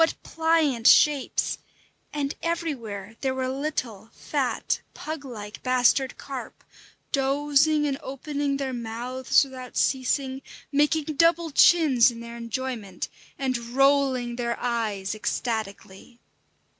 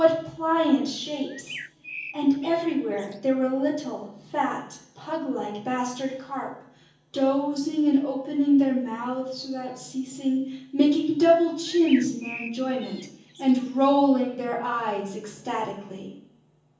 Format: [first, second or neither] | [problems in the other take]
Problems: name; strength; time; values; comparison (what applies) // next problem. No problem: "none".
first | background sound (Bird); 16 dB below the speech // room echo; dies away in 0.7 s